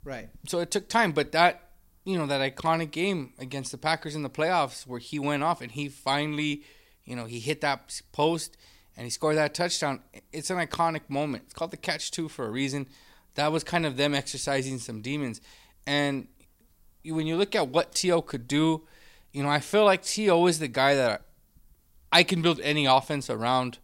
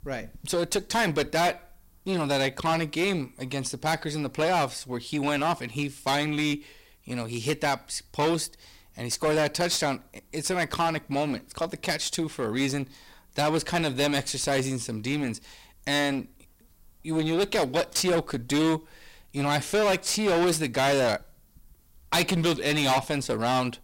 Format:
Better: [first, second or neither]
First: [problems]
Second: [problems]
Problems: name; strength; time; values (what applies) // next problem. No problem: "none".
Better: first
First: none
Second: distortion; heavy; 14% of the sound clipped